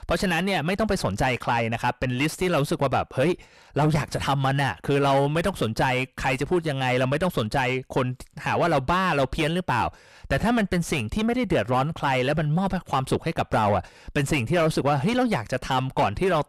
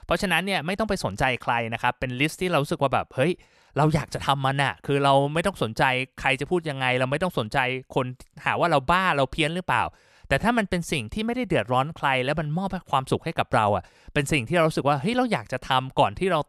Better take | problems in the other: second | distortion; heavy; 7 dB below the speech

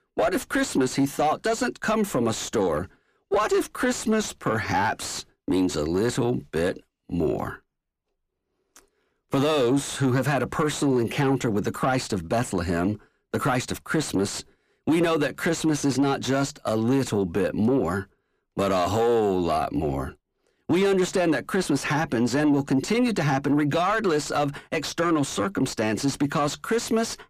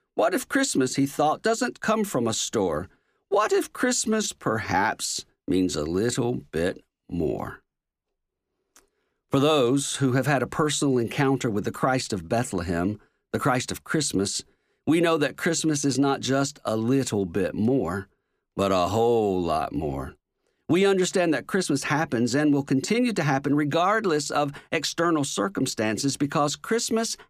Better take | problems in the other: second | distortion; slight; 10 dB below the speech

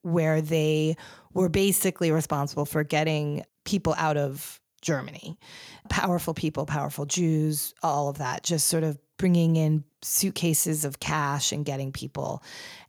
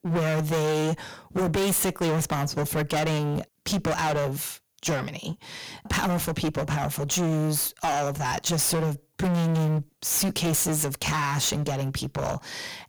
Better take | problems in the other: first | distortion; heavy; 26% of the sound clipped

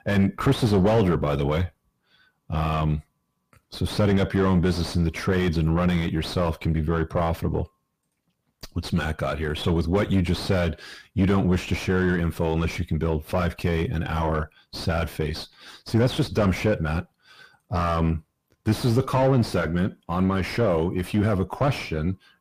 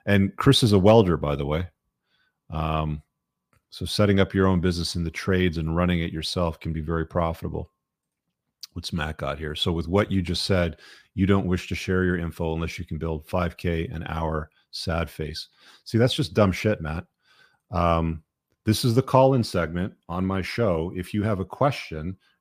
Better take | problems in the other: second | distortion; heavy; 5 dB below the speech

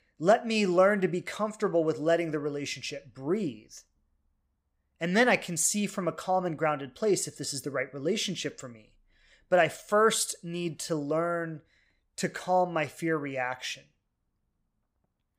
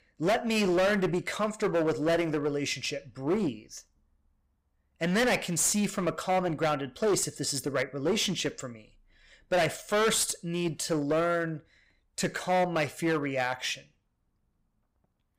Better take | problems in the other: first | distortion; heavy; 10% of the sound clipped

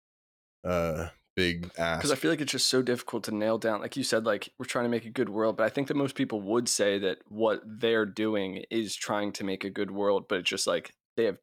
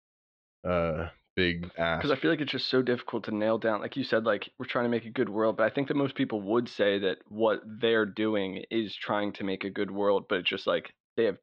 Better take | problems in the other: first | muffled; slightly; fading above 3.5 kHz

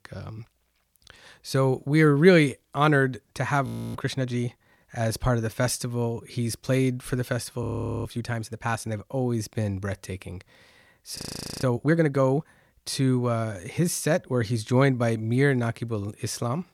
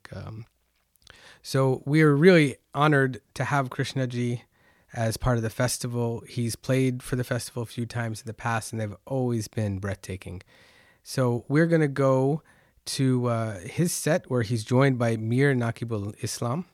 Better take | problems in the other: second | audio freezing; at 3.5 s, at 7.5 s and at 11 s

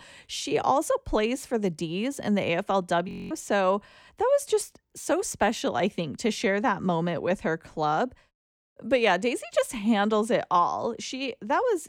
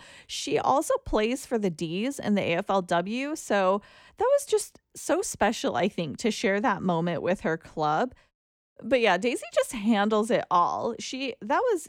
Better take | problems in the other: second | audio freezing; at 3 s

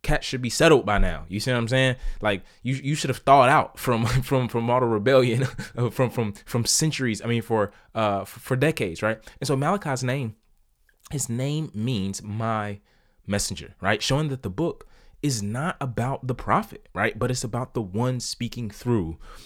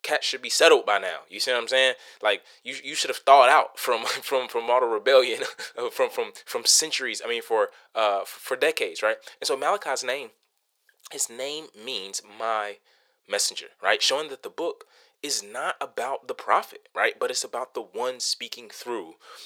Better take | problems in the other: first | thin; very; fading below 450 Hz

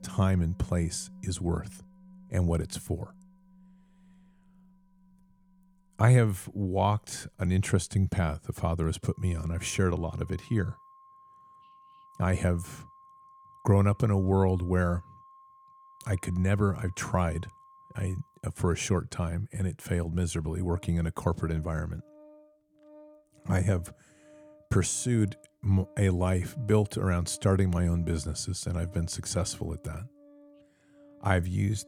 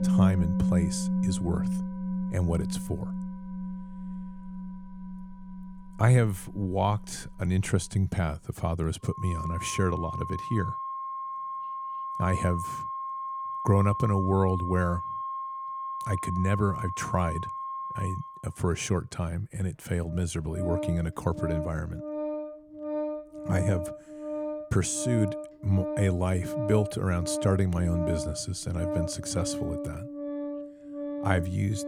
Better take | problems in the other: first | background music; loud; throughout; 5 dB below the speech; faint in the first

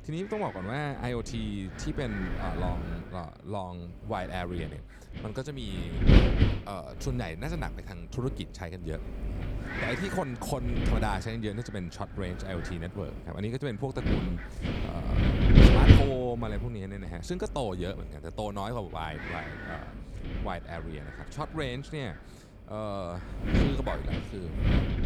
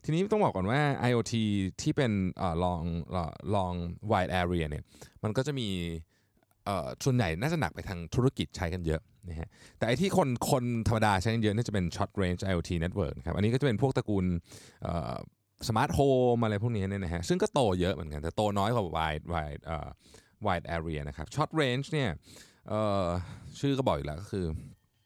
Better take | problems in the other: second | wind noise on the microphone; heavy; 2 dB above the speech

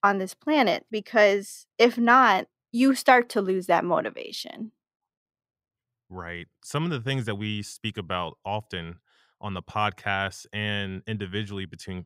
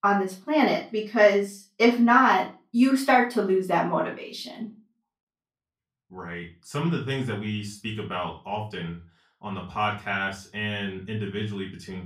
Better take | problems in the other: first | room echo; slight; dies away in 0.3 s // off-mic speech; far

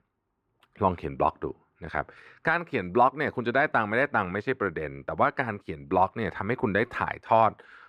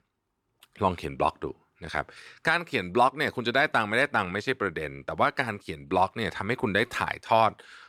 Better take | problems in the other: second | muffled; slightly; fading above 3 kHz

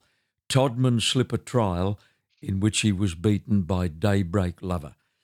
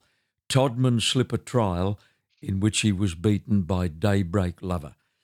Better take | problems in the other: neither | none

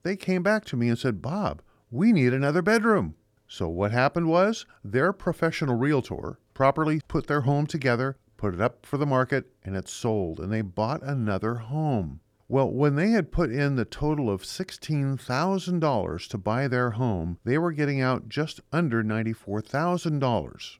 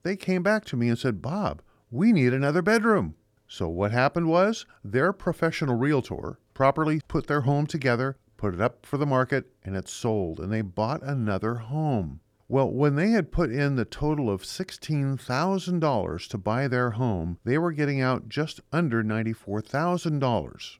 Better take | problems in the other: neither | none

